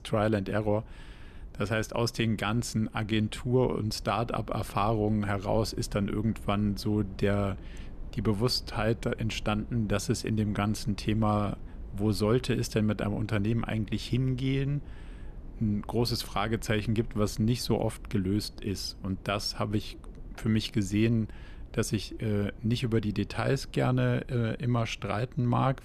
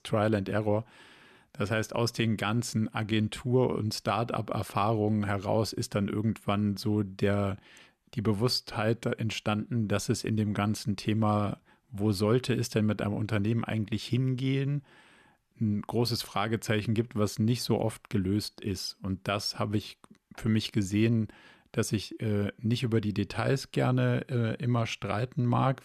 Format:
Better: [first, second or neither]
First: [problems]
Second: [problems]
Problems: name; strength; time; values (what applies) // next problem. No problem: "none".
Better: second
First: low rumble; faint; throughout; 25 dB below the speech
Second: none